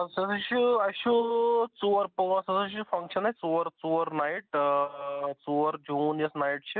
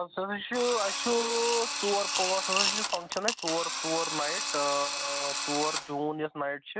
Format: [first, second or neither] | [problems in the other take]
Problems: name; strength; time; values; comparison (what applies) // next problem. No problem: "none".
first | background sound (Coin (dropping) / Glass + Drill); 1 dB below the speech